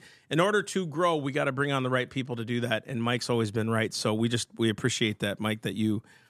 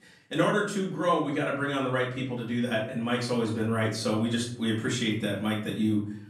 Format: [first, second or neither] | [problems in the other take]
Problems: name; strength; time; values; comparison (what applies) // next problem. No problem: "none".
first | off-mic speech; far // room echo; slight; dies away in 0.5 s